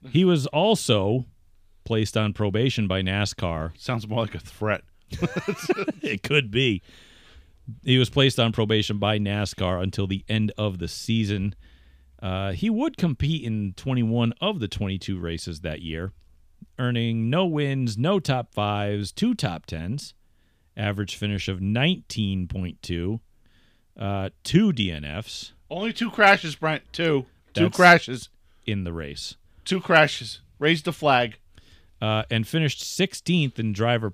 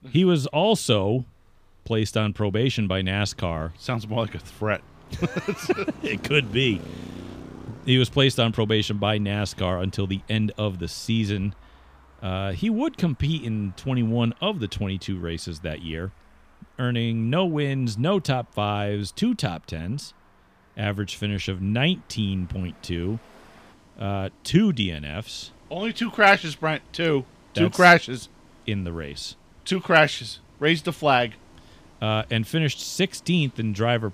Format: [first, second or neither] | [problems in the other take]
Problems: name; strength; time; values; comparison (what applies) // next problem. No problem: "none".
first | traffic noise; faint; throughout; 25 dB below the speech